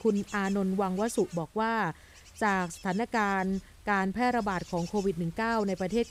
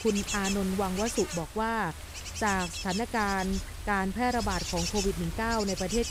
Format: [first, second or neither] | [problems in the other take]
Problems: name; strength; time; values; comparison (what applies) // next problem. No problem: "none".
first | wind noise on the microphone; heavy; 6 dB below the speech; occasional gusts in the first